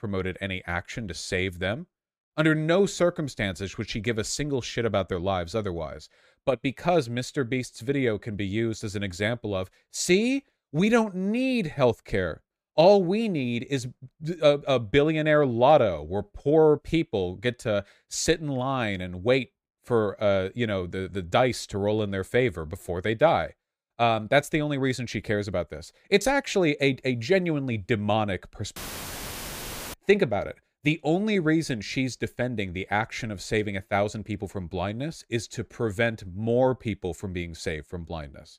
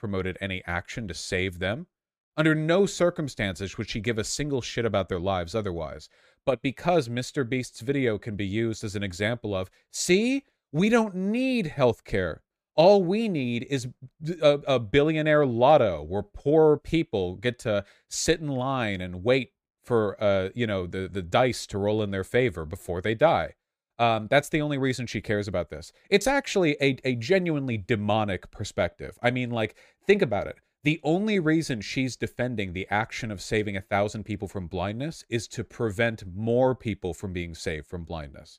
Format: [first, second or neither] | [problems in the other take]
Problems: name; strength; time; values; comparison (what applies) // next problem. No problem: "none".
second | audio cutting out; filled with static; at 29 s for 1 s